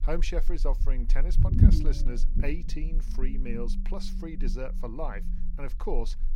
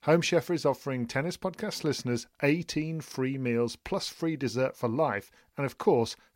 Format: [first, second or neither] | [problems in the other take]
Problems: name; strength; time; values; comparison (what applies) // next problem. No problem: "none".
second | low rumble; loud; throughout; 3 dB below the speech